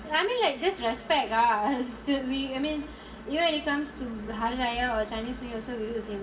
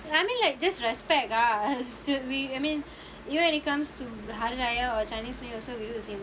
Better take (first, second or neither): second